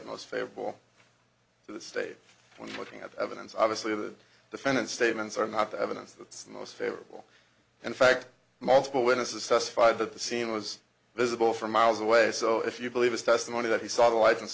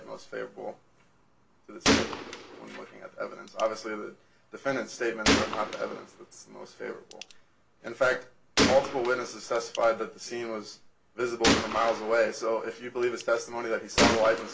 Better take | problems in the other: first | background sound (Gunshot, gunfire); 2 dB below the speech // room echo; dies away in 0.2 s

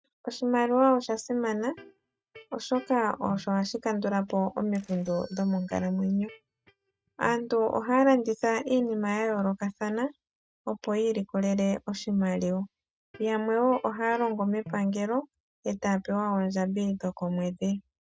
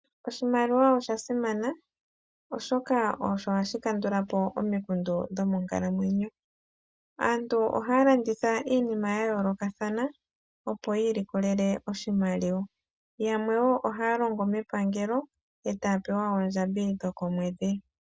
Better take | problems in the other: second | noise reduction (neural mask model RNNoise)

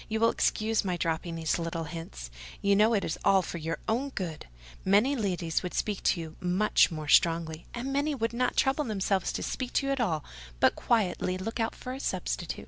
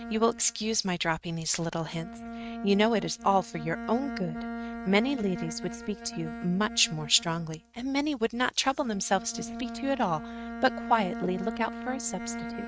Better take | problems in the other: first | noise reduction (neural mask model RNNoise)

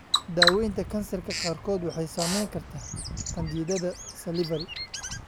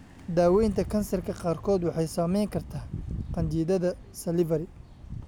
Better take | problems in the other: second | background sound (Bird vocalization, bird call, bird song); 2 dB below the speech

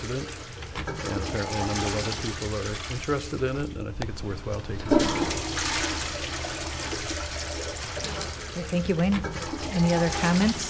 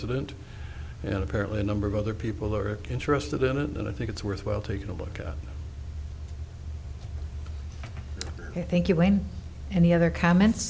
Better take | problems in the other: second | background sound (Toilet flush / Water); 2 dB below the speech

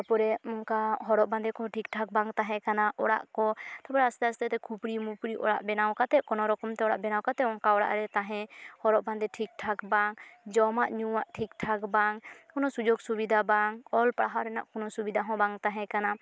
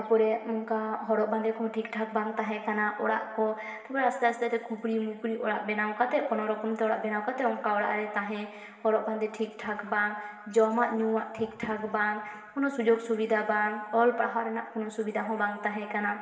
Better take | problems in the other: first | room echo; dies away in 2.3 s

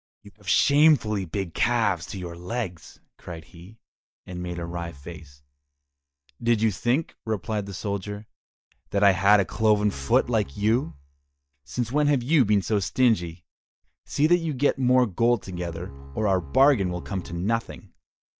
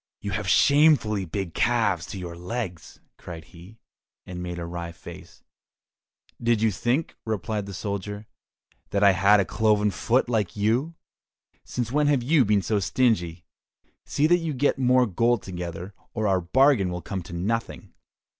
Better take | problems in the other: second | noise reduction (neural mask model DeepFilterNet 3)

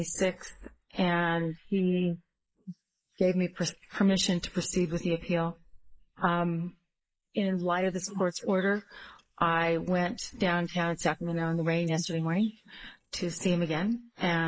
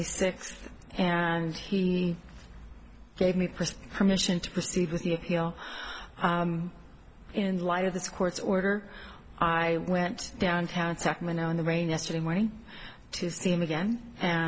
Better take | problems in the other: second | noise reduction (neural mask model Resemble Enhance denoiser)

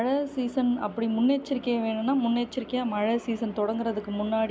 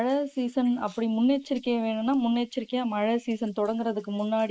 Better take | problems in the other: first | noise reduction (neural mask model Resemble Enhance denoiser)

